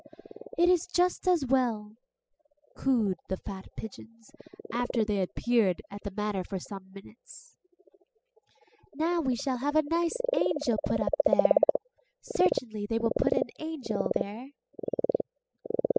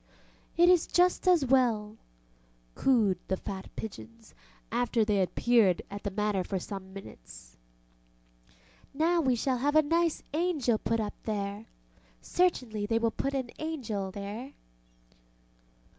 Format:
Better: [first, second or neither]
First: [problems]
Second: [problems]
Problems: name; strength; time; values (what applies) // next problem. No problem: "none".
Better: second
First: noise reduction (classical method spectral subtraction)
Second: none